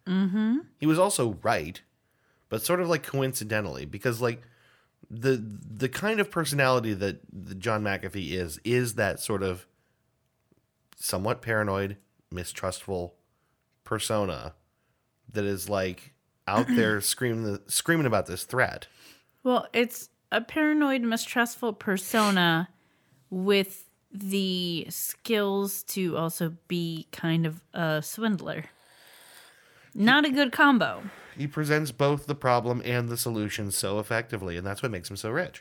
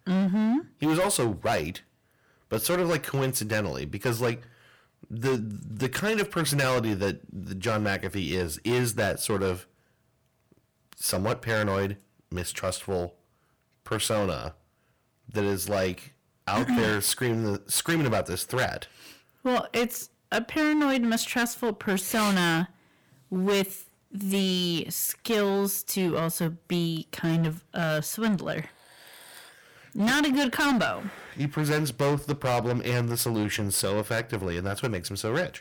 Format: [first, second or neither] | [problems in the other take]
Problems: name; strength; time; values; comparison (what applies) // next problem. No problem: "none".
first | distortion; heavy; 12% of the sound clipped